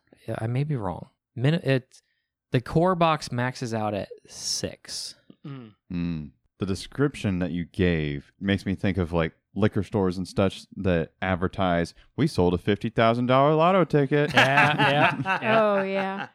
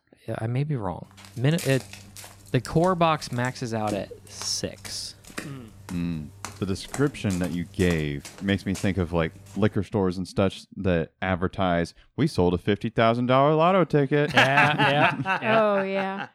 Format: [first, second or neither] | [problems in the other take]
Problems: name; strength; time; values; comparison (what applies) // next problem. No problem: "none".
first | footsteps; faint; from 1 to 9.5 s; peak 10 dB below the speech